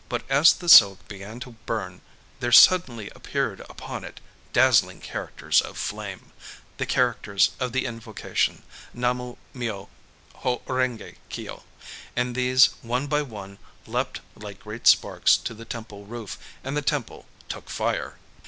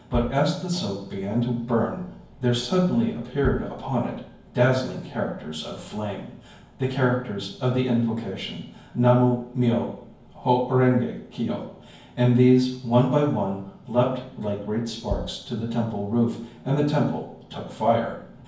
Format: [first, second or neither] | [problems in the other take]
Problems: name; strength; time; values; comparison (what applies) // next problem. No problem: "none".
first | background sound (Bass drum); 13 dB below the speech // room echo; dies away in 0.9 s